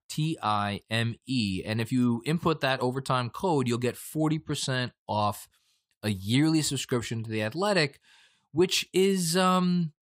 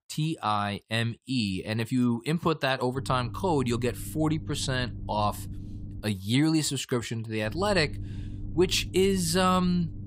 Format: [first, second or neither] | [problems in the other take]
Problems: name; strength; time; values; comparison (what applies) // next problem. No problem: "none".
first | low rumble; faint; from 3 to 6 s and from 7.5 s on; 20 dB below the speech